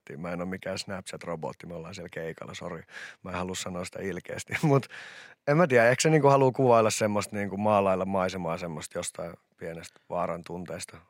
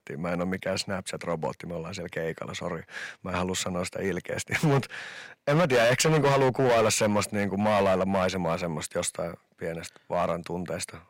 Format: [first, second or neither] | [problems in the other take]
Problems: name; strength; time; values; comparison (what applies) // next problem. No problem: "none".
first | distortion; heavy; 6% of the sound clipped